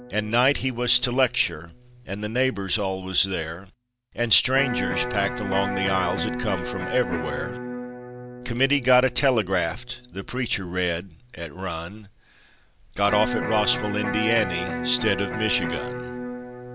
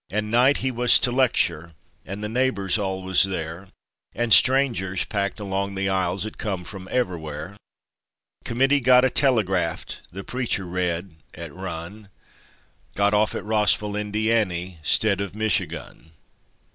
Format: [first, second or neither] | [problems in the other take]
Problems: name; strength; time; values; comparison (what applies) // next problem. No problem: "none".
second | background sound (Electric guitar); 7 dB below the speech